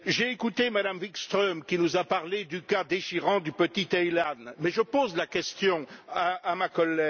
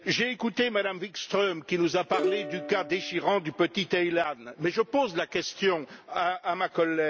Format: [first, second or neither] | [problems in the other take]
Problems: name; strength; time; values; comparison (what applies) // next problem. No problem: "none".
first | background sound (Plucked string instrument); 7 dB below the speech